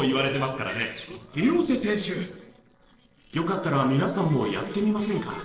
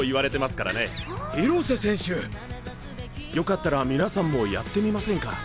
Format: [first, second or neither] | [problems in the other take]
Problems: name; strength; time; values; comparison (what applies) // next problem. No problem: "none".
second | noise reduction (neural separator model SepFormer DNS4)